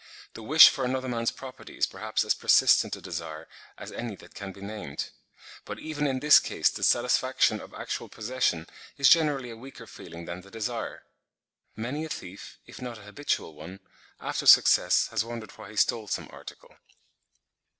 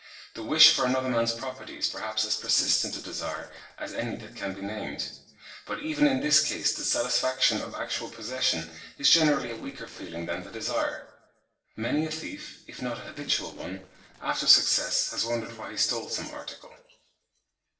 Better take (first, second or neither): first